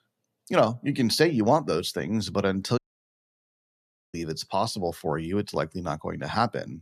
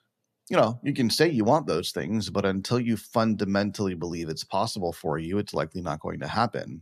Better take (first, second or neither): second